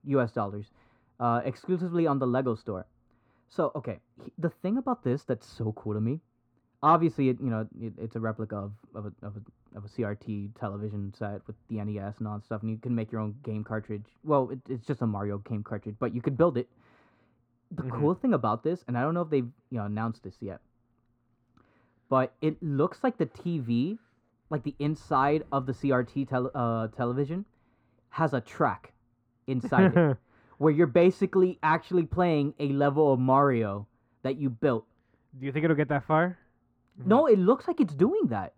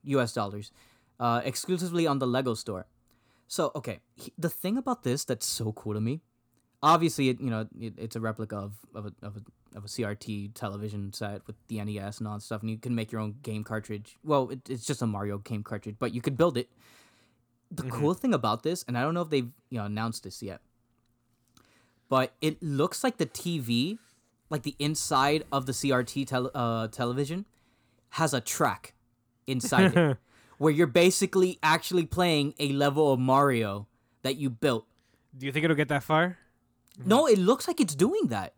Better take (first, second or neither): second